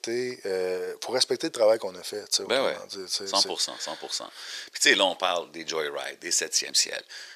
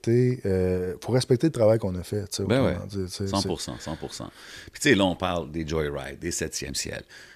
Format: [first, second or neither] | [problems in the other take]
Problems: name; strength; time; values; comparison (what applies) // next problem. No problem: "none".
second | thin; very; fading below 600 Hz